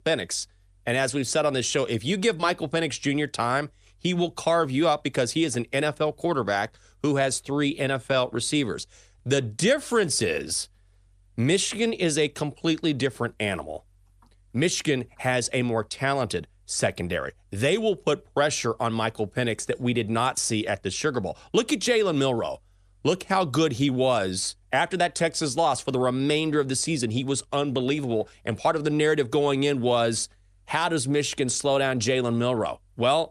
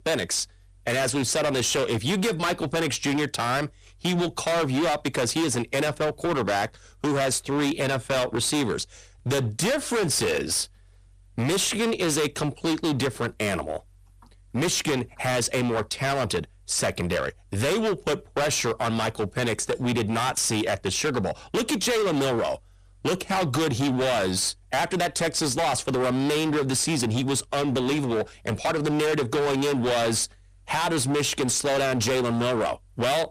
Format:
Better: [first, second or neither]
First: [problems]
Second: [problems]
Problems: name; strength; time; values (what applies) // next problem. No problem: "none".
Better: first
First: none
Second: distortion; heavy; 26% of the sound clipped